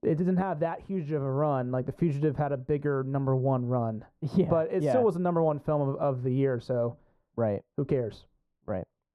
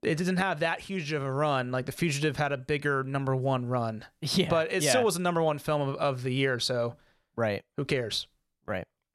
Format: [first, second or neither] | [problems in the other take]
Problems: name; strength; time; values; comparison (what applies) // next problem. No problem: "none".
second | muffled; very; fading above 1.5 kHz